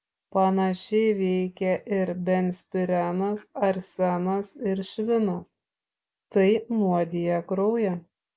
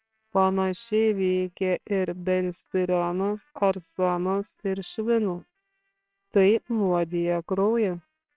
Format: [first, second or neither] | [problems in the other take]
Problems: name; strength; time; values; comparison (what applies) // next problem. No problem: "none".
first | noise reduction (neural separator model SepFormer WHAMR!)